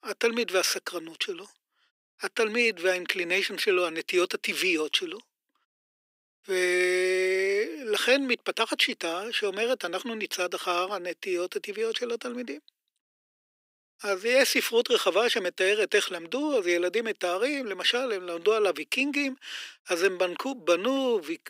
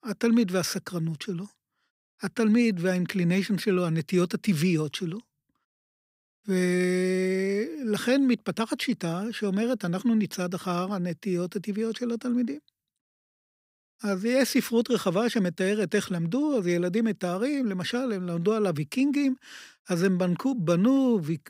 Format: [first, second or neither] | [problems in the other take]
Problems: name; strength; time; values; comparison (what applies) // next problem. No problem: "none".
second | thin; very; fading below 350 Hz